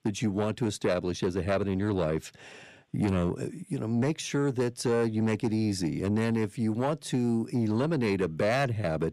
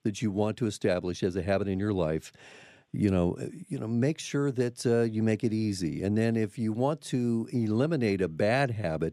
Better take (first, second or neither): second